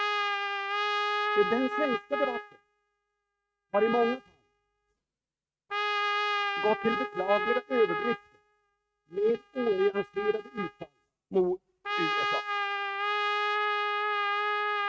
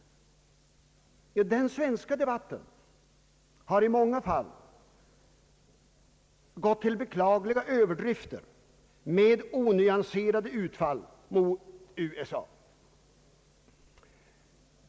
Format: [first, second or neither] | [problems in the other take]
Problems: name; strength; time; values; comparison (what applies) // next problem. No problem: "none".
second | noise reduction (neural mask model RNNoise)